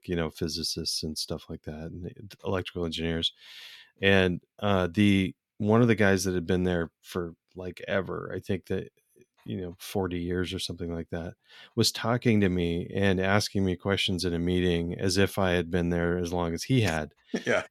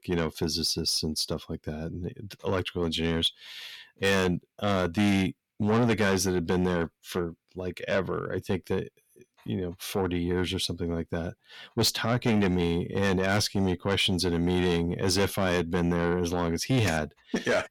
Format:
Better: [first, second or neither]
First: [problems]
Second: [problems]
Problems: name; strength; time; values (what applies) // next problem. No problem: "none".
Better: first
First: none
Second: distortion; heavy; 7 dB below the speech